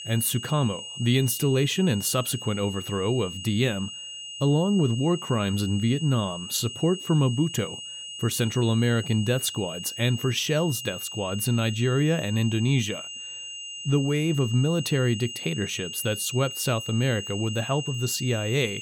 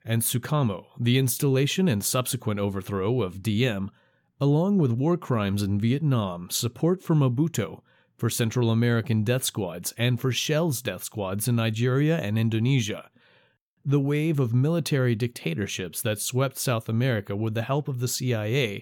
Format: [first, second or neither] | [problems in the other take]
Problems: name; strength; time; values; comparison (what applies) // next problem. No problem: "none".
second | high-pitched whine; loud; throughout; 3 kHz, 9 dB below the speech